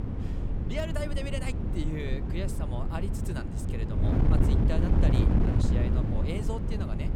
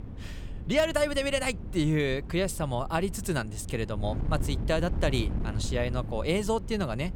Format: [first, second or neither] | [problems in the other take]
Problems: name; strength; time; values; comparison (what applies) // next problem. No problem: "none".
second | wind noise on the microphone; heavy; 1 dB above the speech; occasional gusts in the second